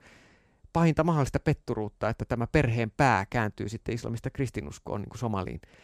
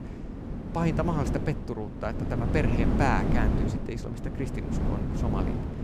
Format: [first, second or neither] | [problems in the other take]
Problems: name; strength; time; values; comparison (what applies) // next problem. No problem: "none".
first | wind noise on the microphone; heavy; 4 dB below the speech